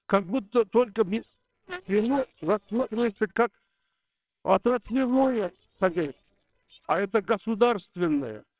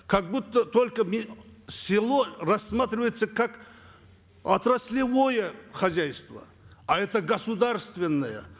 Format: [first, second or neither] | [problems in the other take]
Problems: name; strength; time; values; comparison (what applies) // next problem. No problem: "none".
second | noise reduction (neural separator model SepFormer WHAMR!)